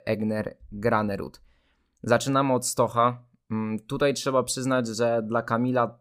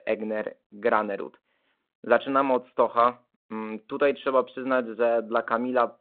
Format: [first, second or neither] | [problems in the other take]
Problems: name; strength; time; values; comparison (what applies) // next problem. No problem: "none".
first | phone-call audio; nothing above 4 kHz